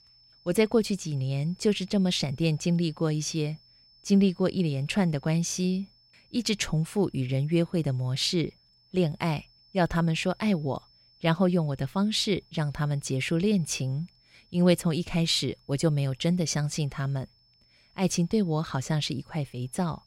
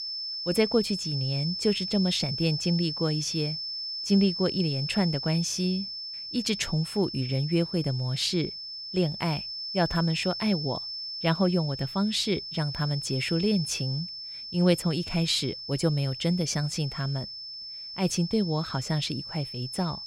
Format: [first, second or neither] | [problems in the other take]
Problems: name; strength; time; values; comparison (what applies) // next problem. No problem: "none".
first | high-pitched whine; loud; throughout; 5.5 kHz, 6 dB below the speech; faint in the first